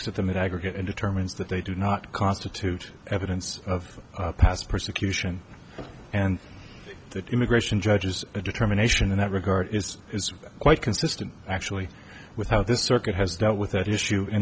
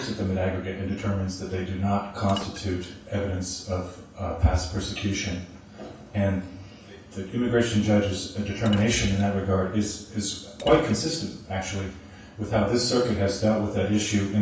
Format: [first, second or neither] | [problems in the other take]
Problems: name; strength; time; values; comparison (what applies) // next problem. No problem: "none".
first | background sound (Liquid); 20 dB below the speech // room echo; dies away in 0.7 s